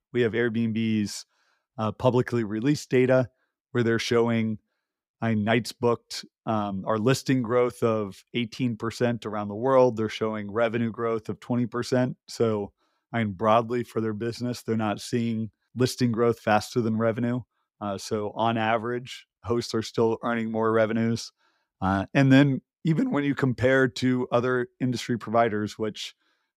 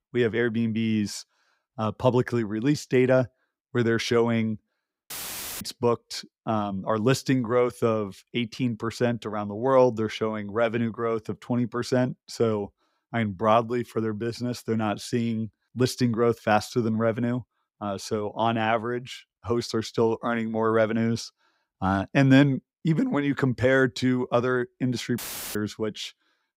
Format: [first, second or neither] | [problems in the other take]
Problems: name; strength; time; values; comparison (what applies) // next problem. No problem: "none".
first | audio cutting out; filled with static; at 5 s for 0.5 s and at 25 s